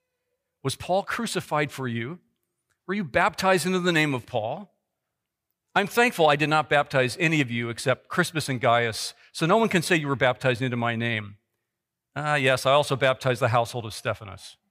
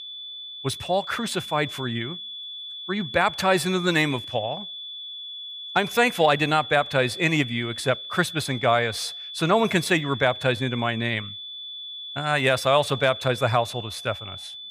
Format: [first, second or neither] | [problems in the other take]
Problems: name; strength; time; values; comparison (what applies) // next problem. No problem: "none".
first | high-pitched whine; noticeable; throughout; 3.5 kHz, 10 dB below the speech